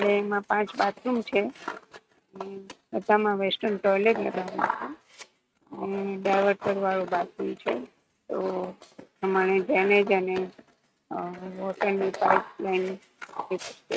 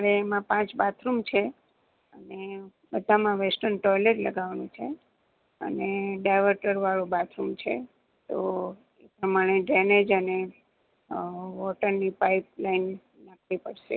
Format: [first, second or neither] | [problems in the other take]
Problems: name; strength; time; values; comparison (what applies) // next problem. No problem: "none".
second | noise reduction (neural mask model RNNoise)